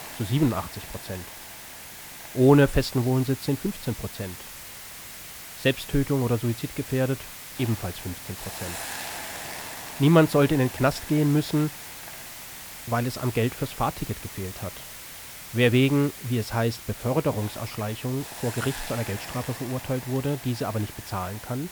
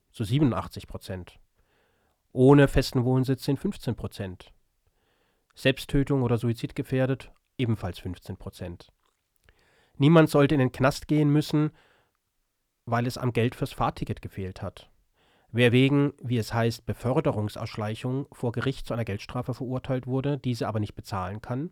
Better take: second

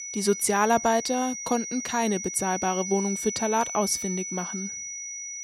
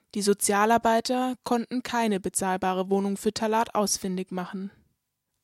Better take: second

